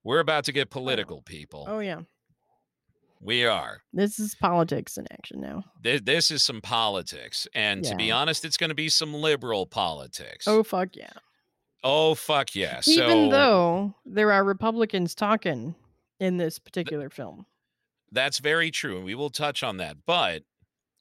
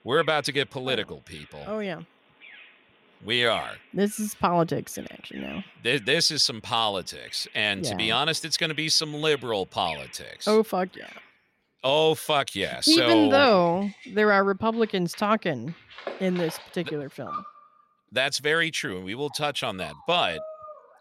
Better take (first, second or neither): first